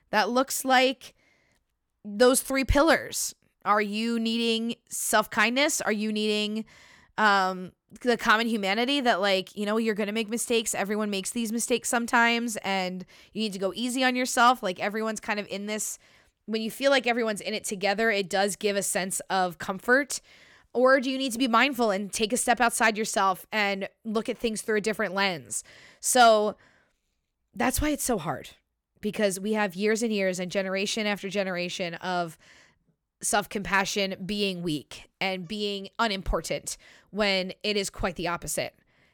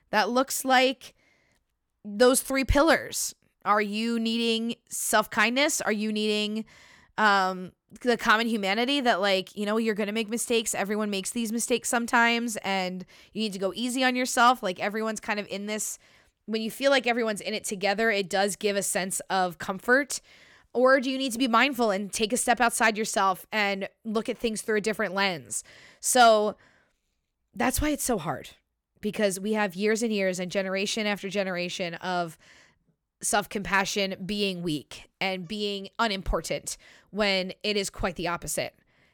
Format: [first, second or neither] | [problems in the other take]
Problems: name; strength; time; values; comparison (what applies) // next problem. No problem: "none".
neither | none